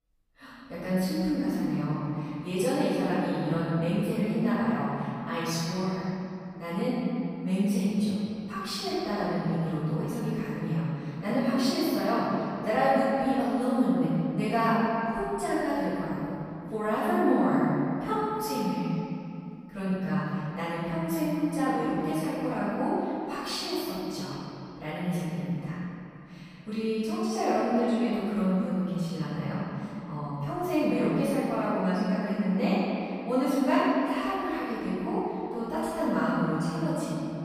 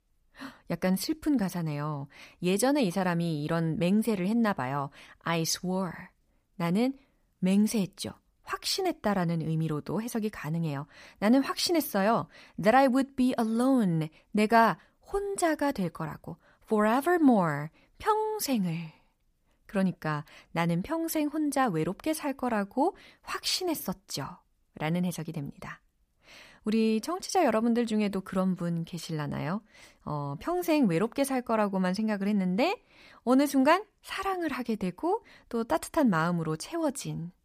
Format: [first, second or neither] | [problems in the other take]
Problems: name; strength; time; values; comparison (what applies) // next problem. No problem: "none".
second | off-mic speech; far // room echo; strong; dies away in 2.8 s